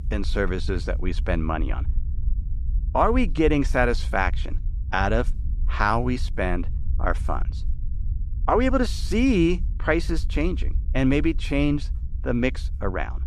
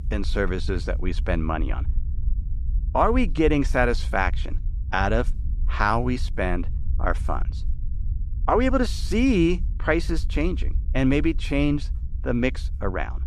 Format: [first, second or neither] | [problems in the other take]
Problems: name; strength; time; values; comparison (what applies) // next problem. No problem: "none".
neither | low rumble; faint; throughout; 25 dB below the speech; the same in both